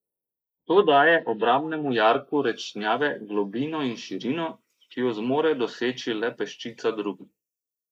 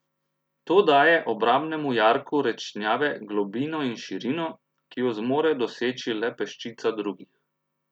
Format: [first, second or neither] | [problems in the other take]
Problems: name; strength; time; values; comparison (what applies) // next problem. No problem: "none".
second | noise reduction (neural mask model Resemble Enhance denoiser)